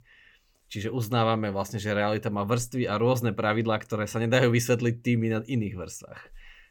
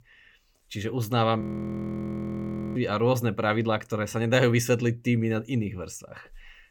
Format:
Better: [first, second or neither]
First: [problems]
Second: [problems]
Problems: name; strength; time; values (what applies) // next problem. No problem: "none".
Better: first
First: none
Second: audio freezing; at 1.5 s for 1.5 s